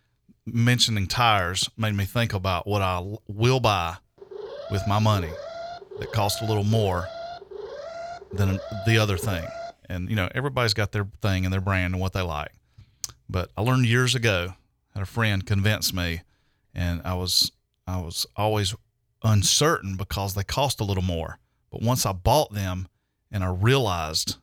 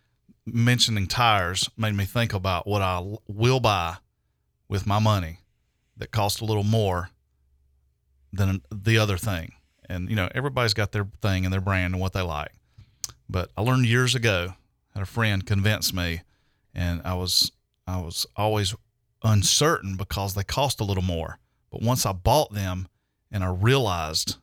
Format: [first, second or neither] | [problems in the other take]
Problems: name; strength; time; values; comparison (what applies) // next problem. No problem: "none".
second | alarm; faint; from 4 to 9.5 s; peak 10 dB below the speech